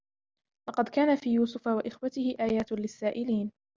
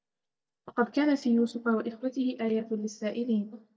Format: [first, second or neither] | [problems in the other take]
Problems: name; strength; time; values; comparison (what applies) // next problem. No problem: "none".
first | noise reduction (neural mask model DeepFilterNet 3)